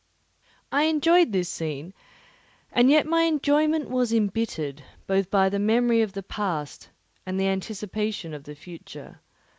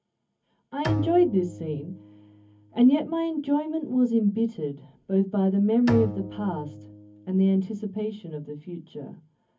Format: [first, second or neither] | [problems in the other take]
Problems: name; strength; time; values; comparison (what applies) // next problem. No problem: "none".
first | background sound (Bowed string instrument); 11 dB below the speech // room echo; dies away in 0.3 s